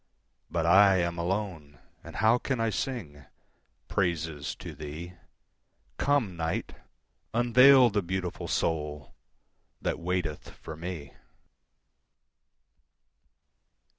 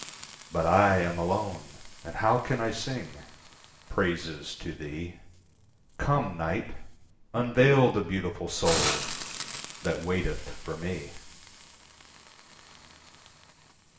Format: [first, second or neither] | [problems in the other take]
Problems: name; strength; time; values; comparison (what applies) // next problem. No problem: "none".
first | background sound (Hiss); 11 dB below the speech // room echo; dies away in 0.6 s